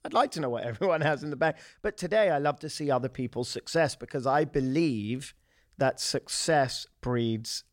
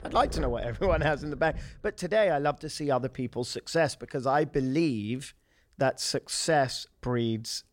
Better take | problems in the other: first | animal sounds; noticeable; throughout; 10 dB below the speech

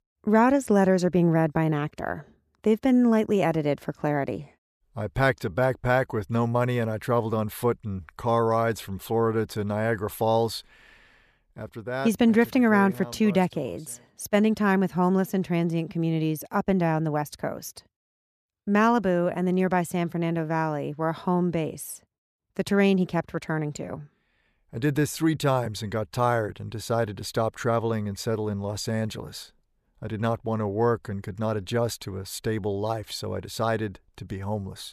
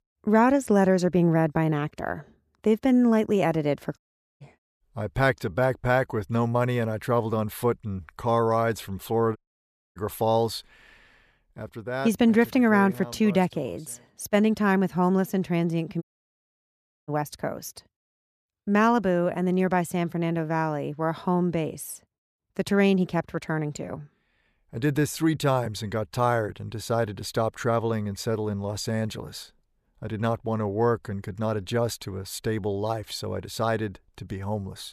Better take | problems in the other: first | audio cutting out; at 4 s, at 9.5 s for 0.5 s and at 16 s for 1 s

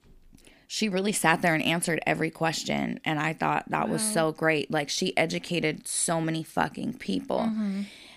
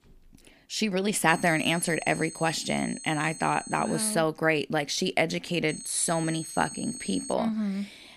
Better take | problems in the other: first | high-pitched whine; noticeable; from 1.5 to 4 s and from 5.5 to 7.5 s; 8 kHz, 10 dB below the speech

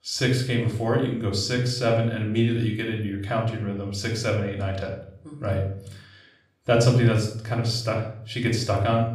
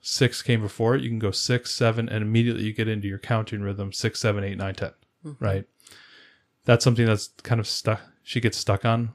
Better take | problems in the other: second | off-mic speech; somewhat distant // room echo; noticeable; dies away in 0.5 s

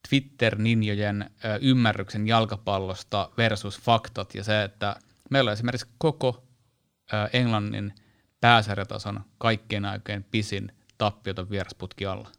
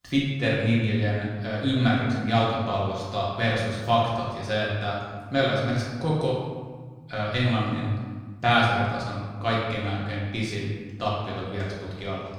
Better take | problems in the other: first | room echo; noticeable; dies away in 1.4 s // off-mic speech; far

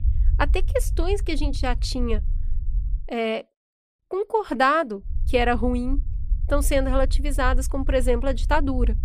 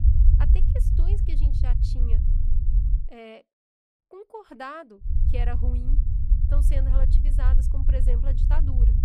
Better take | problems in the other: first | low rumble; loud; until 3 s and from 5 s on; 3 dB below the speech; faint in the first

